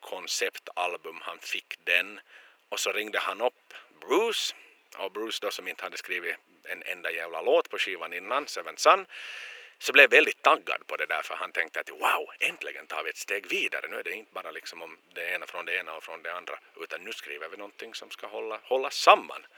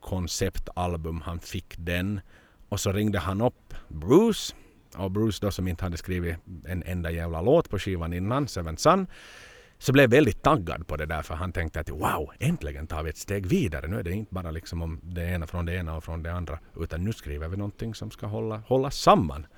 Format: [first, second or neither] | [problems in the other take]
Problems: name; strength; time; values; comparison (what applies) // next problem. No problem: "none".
second | thin; very; fading below 400 Hz